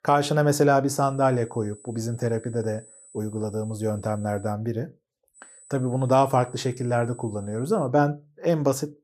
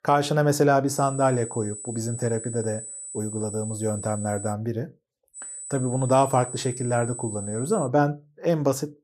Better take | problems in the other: first | high-pitched whine; loud; from 1 to 4.5 s and from 5.5 to 8 s; 8 kHz, 10 dB below the speech; faint in the first

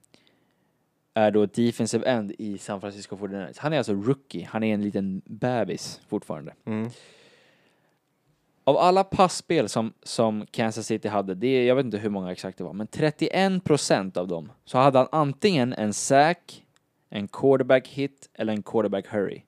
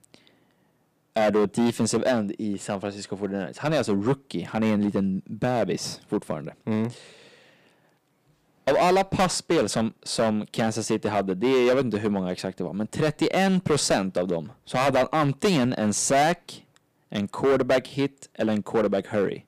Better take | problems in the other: first | distortion; heavy; 7% of the sound clipped

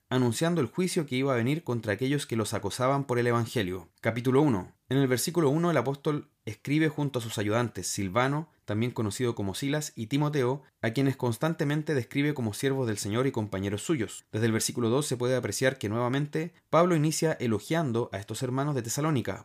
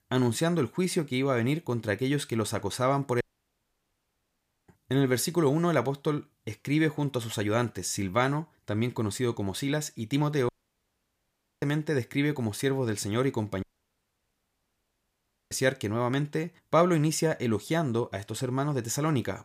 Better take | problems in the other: first | audio cutting out; at 3 s for 1.5 s, at 10 s for 1 s and at 14 s for 2 s

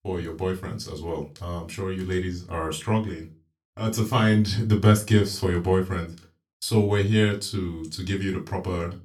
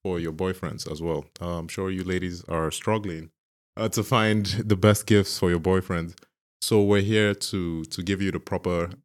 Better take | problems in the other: second | off-mic speech; somewhat distant // room echo; very slight; dies away in 0.2 s

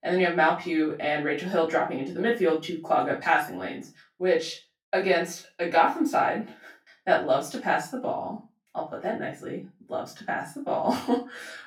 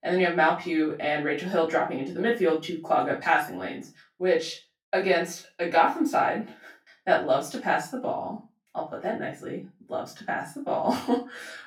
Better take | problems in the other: neither | room echo; slight; dies away in 0.3 s; the same in both // off-mic speech; far; the same in both

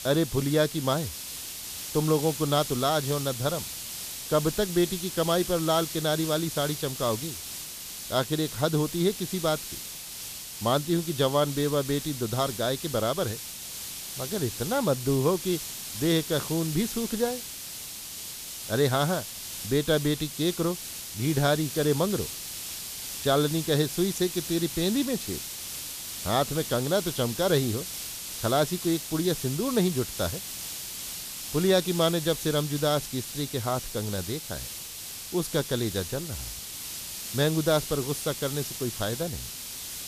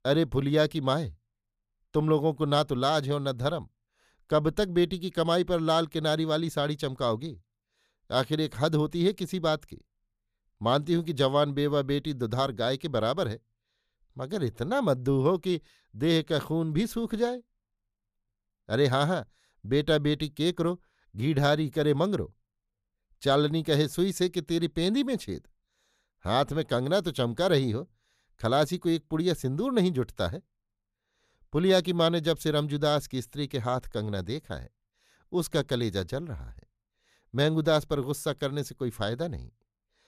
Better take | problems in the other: second | hiss; loud; throughout; 7 dB below the speech

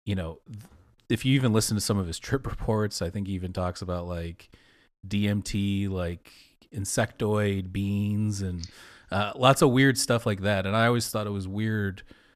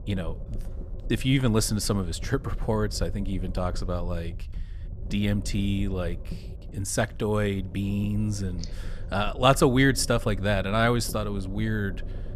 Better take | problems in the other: first | low rumble; faint; throughout; 20 dB below the speech

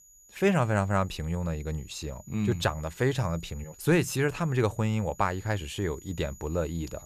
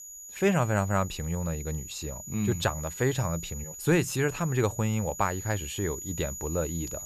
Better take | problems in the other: first | high-pitched whine; loud; throughout; 7 kHz, 10 dB below the speech; faint in the first

